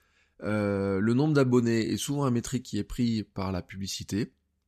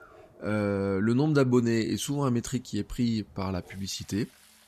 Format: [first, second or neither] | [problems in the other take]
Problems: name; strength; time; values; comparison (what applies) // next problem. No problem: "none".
first | rain or running water; faint; throughout; 30 dB below the speech